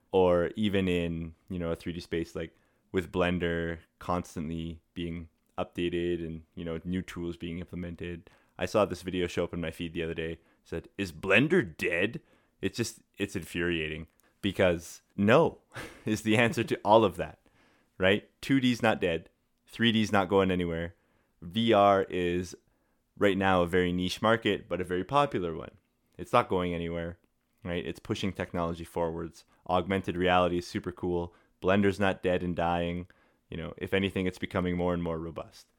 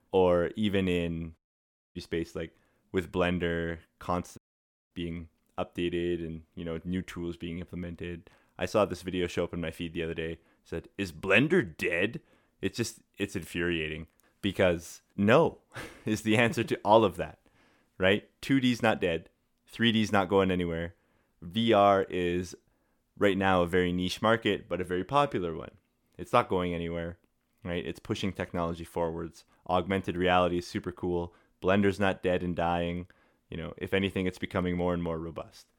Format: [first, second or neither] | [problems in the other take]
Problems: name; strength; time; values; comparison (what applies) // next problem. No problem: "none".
first | audio cutting out; at 1.5 s for 0.5 s and at 4.5 s for 0.5 s